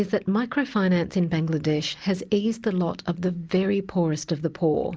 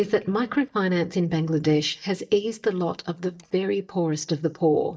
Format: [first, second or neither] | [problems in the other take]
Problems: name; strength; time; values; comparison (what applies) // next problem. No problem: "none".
first | noise reduction (neural mask model DeepFilterNet 3)